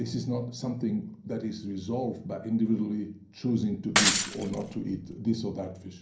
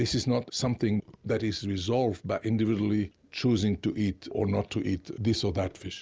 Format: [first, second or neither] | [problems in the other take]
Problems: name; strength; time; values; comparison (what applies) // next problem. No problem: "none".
second | background sound (Shatter / Crushing); 3 dB above the speech // room echo; dies away in 0.6 s